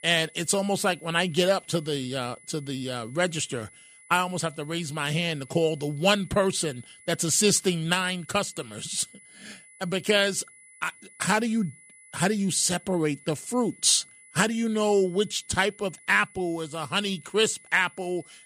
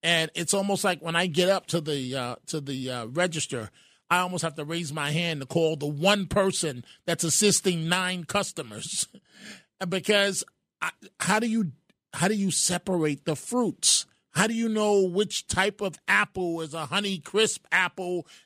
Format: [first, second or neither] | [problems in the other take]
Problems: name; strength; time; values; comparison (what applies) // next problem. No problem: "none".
second | high-pitched whine; faint; throughout; 2 kHz, 25 dB below the speech